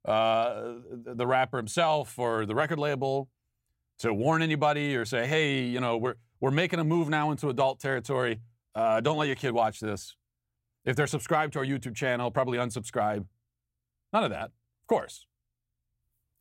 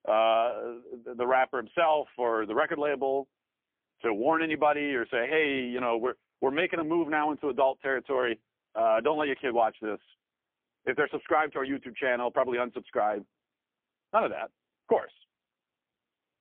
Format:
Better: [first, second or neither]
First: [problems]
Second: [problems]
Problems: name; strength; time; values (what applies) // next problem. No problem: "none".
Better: first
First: none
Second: phone-call audio; poor line; nothing above 3.5 kHz